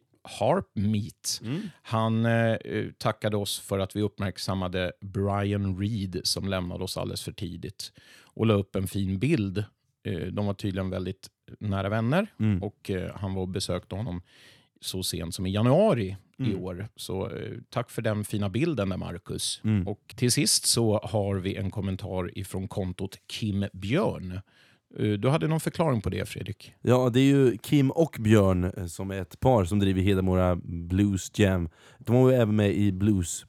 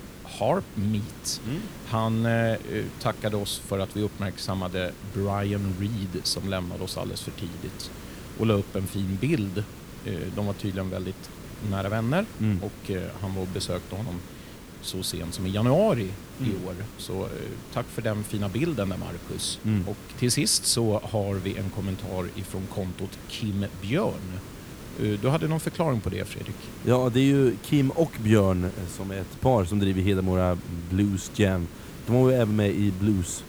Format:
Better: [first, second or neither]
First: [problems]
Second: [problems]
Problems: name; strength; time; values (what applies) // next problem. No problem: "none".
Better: first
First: none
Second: hiss; noticeable; throughout; 15 dB below the speech